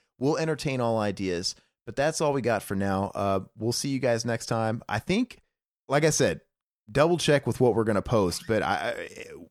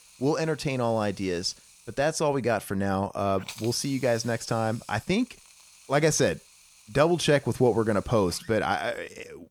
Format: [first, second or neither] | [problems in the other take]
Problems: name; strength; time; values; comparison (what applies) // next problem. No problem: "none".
first | hiss; faint; throughout; 20 dB below the speech